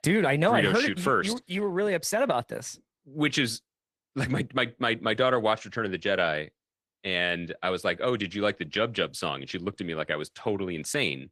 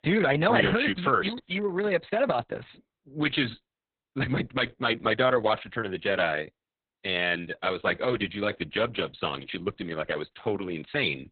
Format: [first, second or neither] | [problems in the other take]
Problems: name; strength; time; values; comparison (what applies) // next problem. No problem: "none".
first | garbled, watery; badly; nothing above 4 kHz; slightly in the first